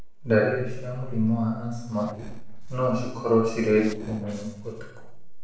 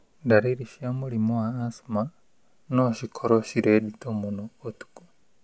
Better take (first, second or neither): second